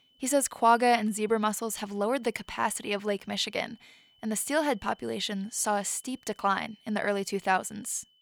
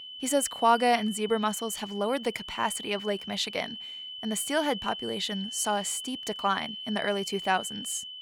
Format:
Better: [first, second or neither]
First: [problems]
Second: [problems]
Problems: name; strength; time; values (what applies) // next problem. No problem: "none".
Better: first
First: high-pitched whine; faint; throughout; 3 kHz, 30 dB below the speech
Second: high-pitched whine; loud; throughout; 3 kHz, 8 dB below the speech